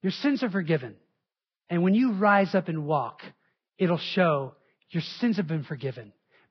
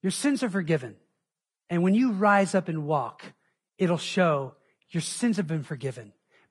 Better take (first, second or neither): second